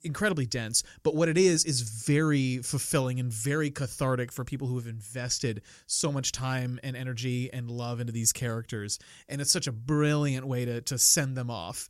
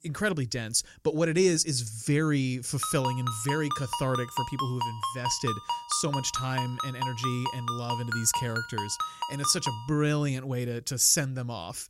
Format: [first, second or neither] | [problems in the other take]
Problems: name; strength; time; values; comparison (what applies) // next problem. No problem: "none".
first | phone ringing; noticeable; from 3 to 10 s; peak 4 dB below the speech